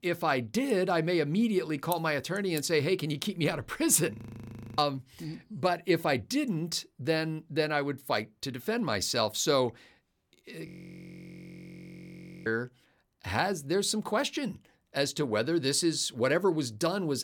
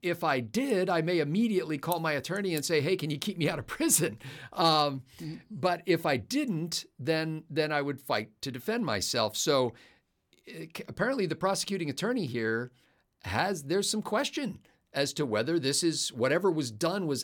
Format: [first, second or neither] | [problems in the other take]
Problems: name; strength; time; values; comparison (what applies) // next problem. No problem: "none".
second | audio freezing; at 4 s for 0.5 s and at 11 s for 2 s